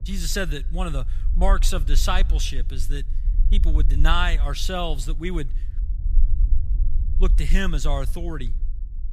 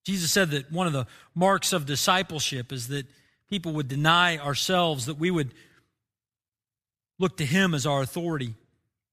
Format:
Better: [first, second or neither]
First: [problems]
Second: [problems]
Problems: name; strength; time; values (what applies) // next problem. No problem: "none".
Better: second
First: low rumble; noticeable; throughout; 20 dB below the speech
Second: none